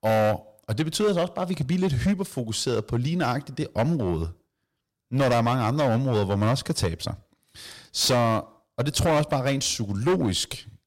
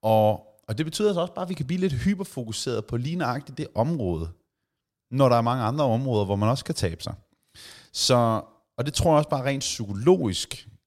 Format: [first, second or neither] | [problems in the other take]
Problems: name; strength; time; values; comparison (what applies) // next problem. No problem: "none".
second | distortion; heavy; 9% of the sound clipped